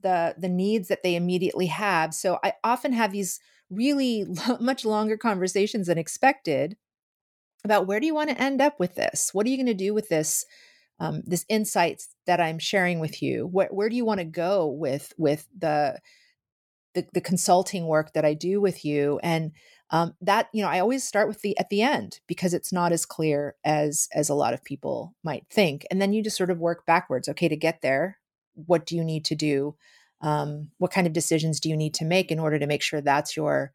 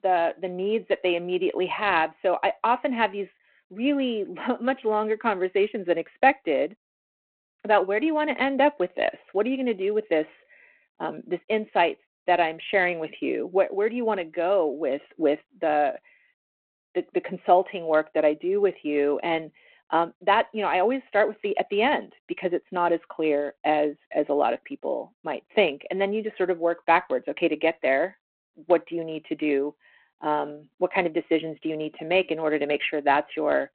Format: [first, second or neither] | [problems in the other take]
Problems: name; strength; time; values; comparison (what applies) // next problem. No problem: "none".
first | phone-call audio